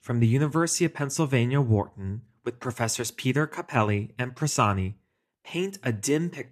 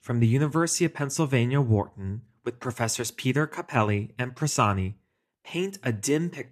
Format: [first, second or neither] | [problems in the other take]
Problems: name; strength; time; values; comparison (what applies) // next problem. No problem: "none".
neither | none